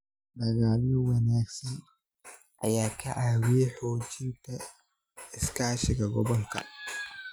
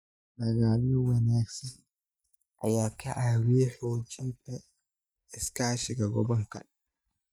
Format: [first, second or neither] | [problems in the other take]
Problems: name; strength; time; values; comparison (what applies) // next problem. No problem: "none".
first | noise reduction (neural mask model DeepFilterNet 3)